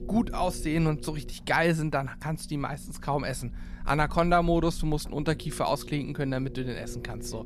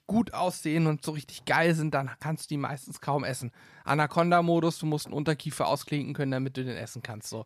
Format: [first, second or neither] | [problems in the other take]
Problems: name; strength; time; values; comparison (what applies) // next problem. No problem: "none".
second | low rumble; faint; throughout; 20 dB below the speech